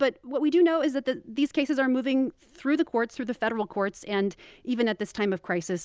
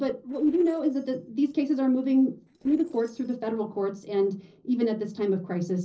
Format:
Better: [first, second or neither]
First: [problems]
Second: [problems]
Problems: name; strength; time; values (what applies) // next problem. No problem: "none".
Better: first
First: none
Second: noise reduction (neural separator model SepFormer DNS4)